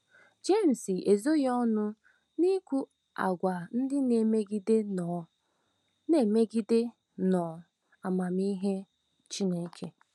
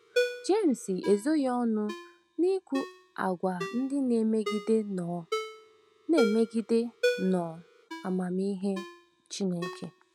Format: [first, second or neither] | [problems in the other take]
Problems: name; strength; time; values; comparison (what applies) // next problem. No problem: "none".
first | background sound (Ringtone); 8 dB below the speech